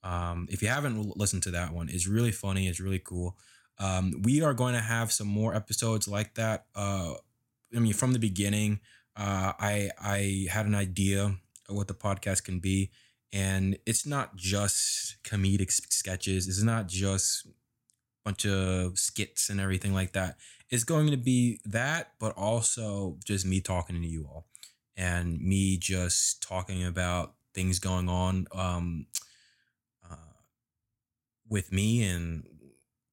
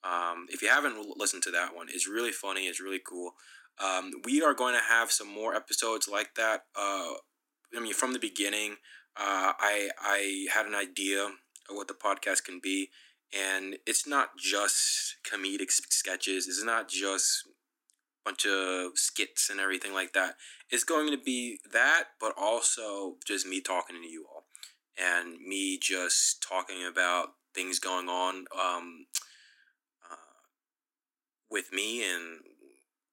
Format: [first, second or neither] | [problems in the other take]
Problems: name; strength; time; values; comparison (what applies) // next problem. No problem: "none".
first | thin; very; fading below 250 Hz